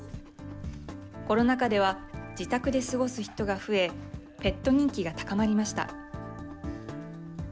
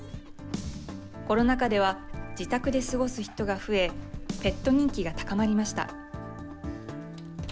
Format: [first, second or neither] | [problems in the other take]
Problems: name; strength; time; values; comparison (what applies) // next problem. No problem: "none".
first | background sound (Keys jangling + Snare drum); 11 dB below the speech